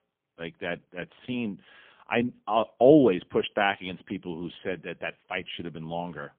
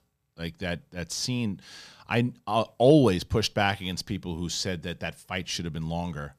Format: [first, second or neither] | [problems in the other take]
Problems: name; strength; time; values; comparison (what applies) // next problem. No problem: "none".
second | phone-call audio; poor line; nothing above 3.5 kHz